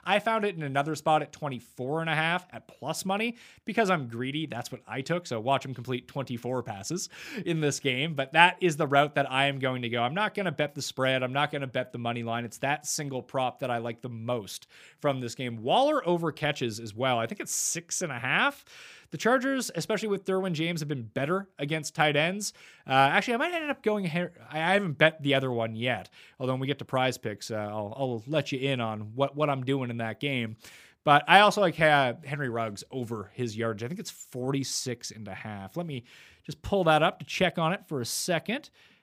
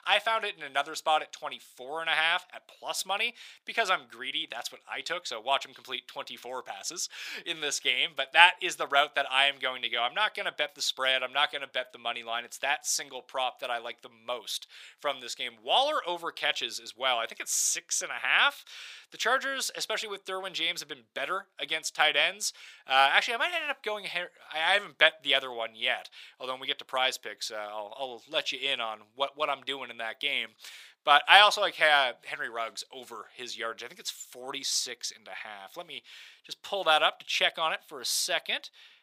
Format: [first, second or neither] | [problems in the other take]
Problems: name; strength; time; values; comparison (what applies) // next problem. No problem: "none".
first | thin; very; fading below 800 Hz